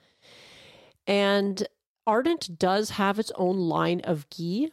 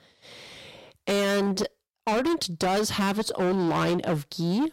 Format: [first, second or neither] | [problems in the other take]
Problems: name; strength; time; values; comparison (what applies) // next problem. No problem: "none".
first | distortion; heavy; 22% of the sound clipped